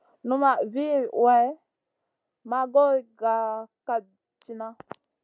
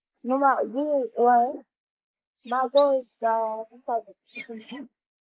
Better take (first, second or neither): first